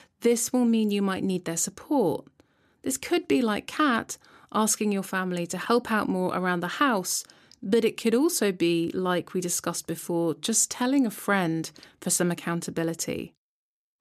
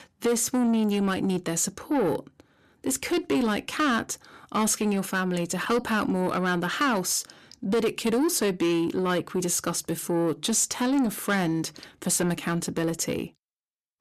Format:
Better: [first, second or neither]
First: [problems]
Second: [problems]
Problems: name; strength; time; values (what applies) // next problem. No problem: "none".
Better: first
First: none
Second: distortion; slight; 10 dB below the speech